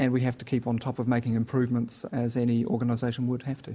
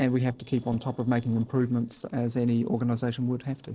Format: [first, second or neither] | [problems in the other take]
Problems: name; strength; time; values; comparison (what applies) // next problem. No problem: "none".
first | noise reduction (neural separator model SepFormer DNS4)